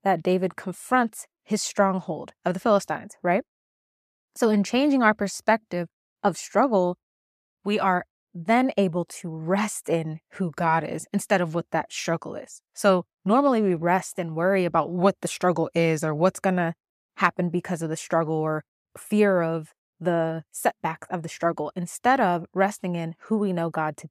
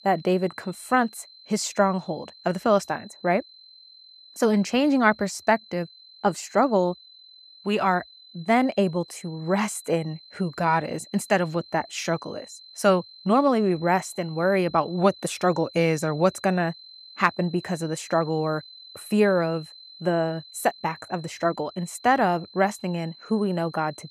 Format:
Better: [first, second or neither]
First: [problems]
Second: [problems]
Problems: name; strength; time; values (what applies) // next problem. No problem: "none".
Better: first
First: none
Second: high-pitched whine; faint; throughout; 4 kHz, 20 dB below the speech